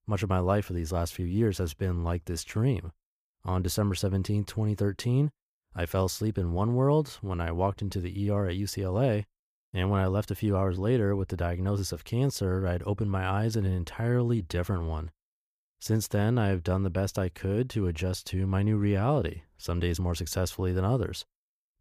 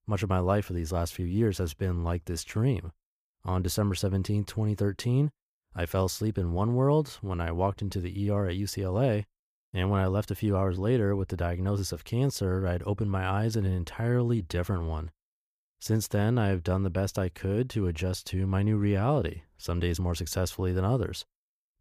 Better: neither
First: none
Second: none

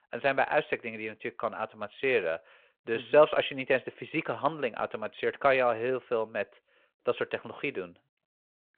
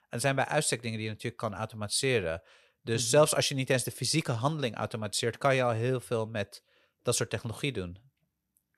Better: second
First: phone-call audio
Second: none

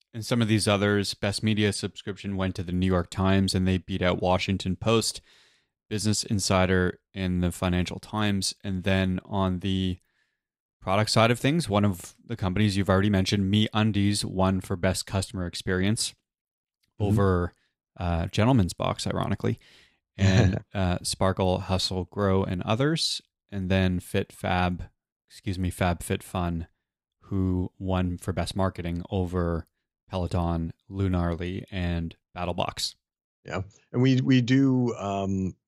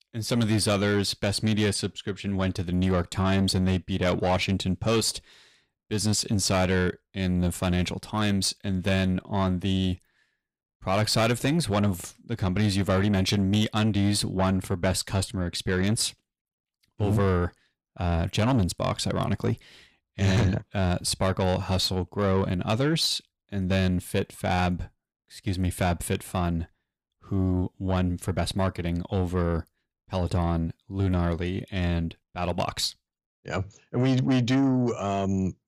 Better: first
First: none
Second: distortion; slight; 10 dB below the speech

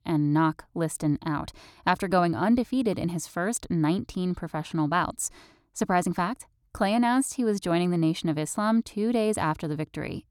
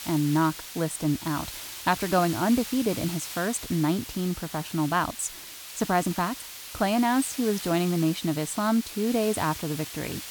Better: first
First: none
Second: hiss; loud; throughout; 10 dB below the speech

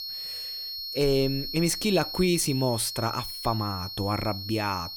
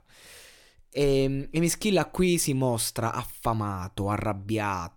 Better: second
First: high-pitched whine; loud; throughout; 4.5 kHz, 6 dB below the speech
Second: none

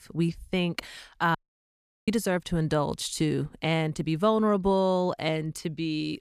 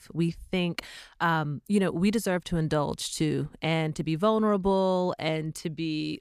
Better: second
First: audio cutting out; at 1.5 s for 0.5 s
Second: none

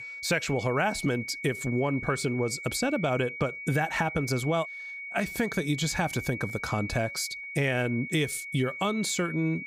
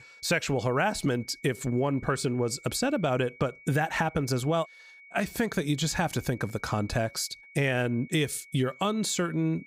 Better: second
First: high-pitched whine; loud; throughout; 2.5 kHz, 8 dB below the speech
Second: high-pitched whine; faint; throughout; 2.5 kHz, 20 dB below the speech

